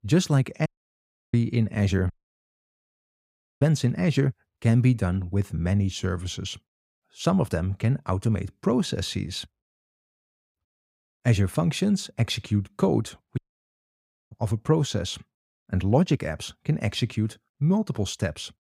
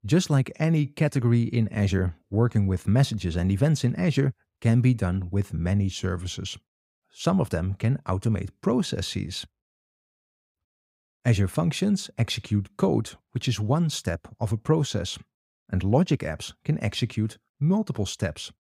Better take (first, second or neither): second